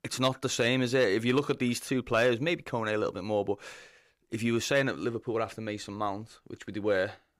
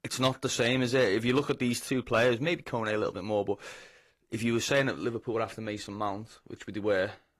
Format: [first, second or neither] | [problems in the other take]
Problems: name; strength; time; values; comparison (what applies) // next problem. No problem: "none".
first | garbled, watery; slightly